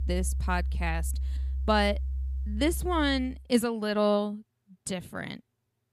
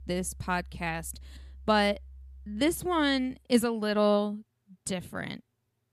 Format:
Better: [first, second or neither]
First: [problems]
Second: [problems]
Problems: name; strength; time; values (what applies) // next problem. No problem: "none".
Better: second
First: background music; loud; until 3.5 s; 4 dB below the speech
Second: background music; faint; until 3.5 s; 20 dB below the speech